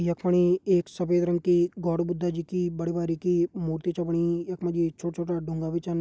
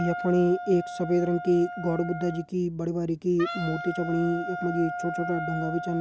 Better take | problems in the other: first | background sound (Wind instrument, woodwind instrument); 8 dB below the speech

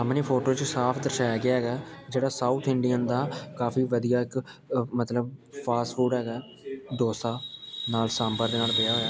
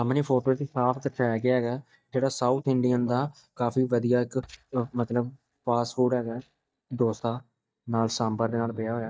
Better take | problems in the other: first | noise reduction (neural mask model DeepFilterNet 3)

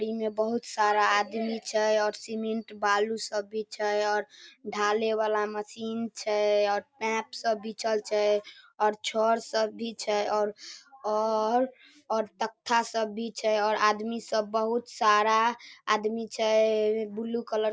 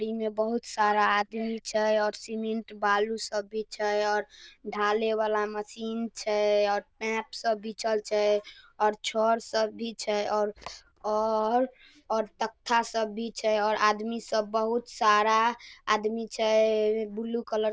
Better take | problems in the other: first | noise reduction (neural diffusion model UNIVERSE++)

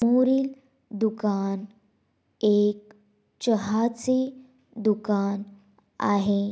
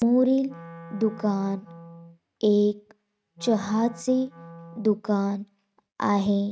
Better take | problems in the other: first | noise reduction (neural mask model RNNoise)

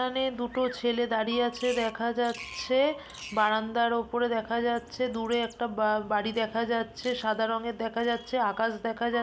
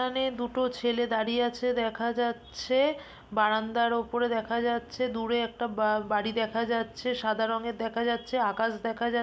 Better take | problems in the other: second | background sound (Bird vocalization, bird call, bird song + Piano); 20 dB below the speech

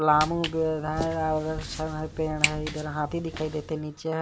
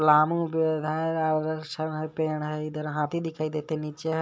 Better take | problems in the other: second | background sound (Walk, footsteps); 7 dB below the speech

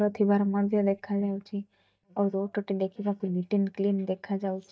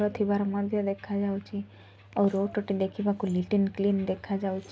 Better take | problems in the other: second | noise reduction (neural mask model DeepFilterNet 3)

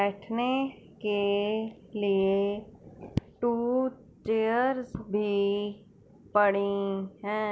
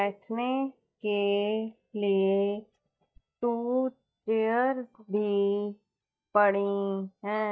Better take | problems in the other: first | noise reduction (neural mask model DeepFilterNet 3)

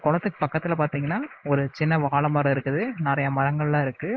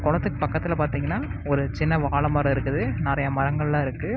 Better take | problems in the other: second | noise reduction (neural mask model Resemble Enhance denoiser)

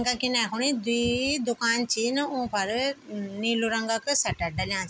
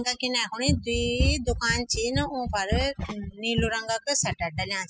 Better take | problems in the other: first | noise reduction (classical method spectral subtraction)

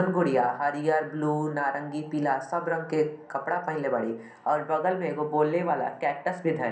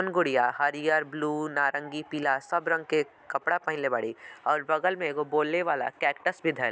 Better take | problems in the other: second | room echo; dies away in 0.6 s

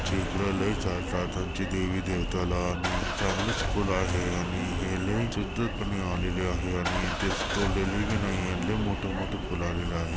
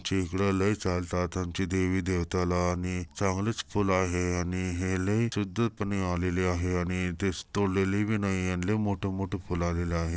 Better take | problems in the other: second | background sound (Engine starting / Car); 1 dB below the speech

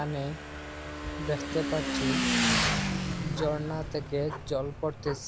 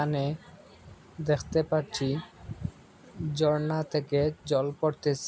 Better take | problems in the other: second | background sound (Motorcycle / Engine); 2 dB above the speech

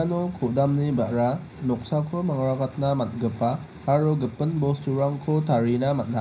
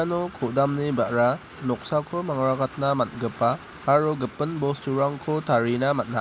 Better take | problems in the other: second | room echo; dies away in 0.5 s

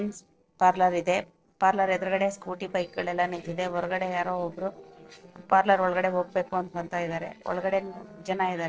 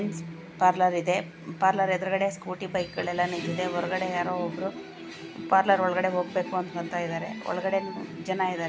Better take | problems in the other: second | noise reduction (neural separator model SepFormer DNS4)

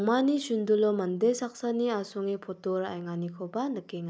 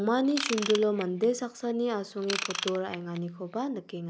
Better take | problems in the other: first | background sound (Ratchet, pawl / Tools); 8 dB below the speech

